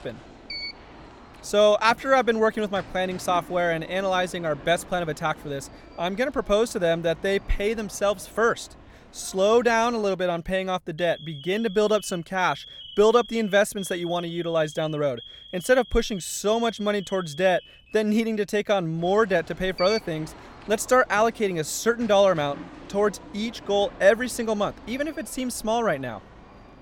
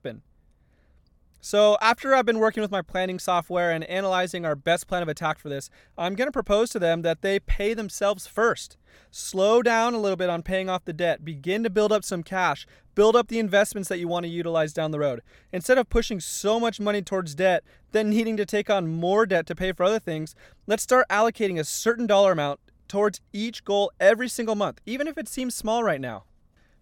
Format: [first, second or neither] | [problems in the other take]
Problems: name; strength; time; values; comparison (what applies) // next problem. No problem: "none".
second | alarms or sirens; noticeable; throughout; 20 dB below the speech